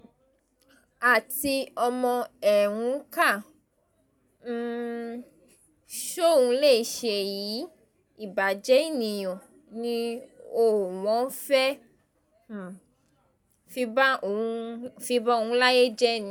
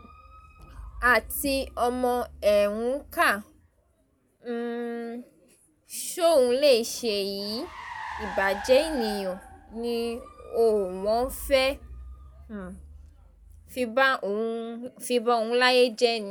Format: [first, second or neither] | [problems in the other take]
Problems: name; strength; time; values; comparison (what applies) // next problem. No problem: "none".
first | background sound (Car); 17 dB below the speech